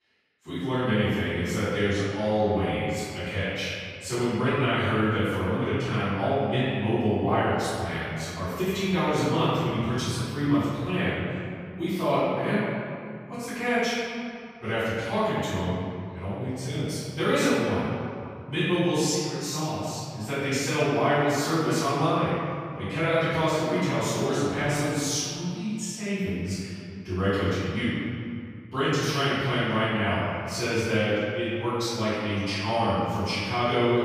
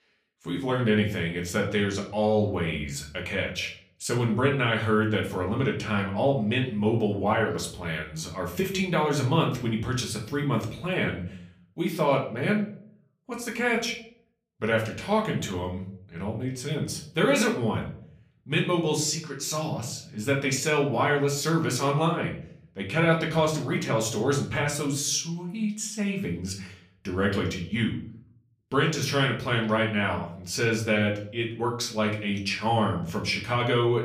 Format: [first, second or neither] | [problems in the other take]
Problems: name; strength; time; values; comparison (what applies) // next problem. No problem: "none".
second | room echo; strong; dies away in 2.4 s; slight in the second // off-mic speech; far; somewhat distant in the second